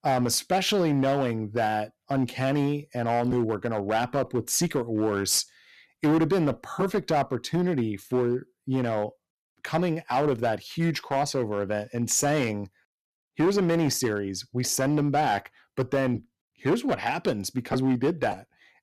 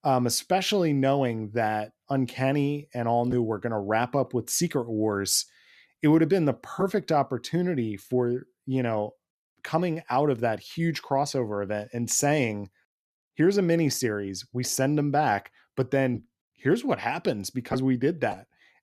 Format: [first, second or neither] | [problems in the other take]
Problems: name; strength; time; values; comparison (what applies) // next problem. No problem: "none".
second | distortion; slight; 7% of the sound clipped